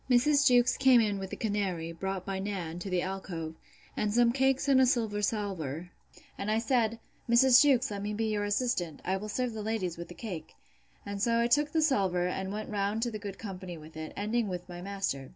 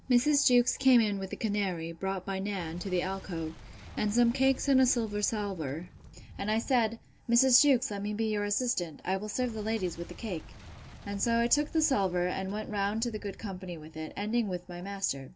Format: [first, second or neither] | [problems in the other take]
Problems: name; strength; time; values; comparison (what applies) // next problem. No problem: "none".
first | background sound (Boom); 20 dB below the speech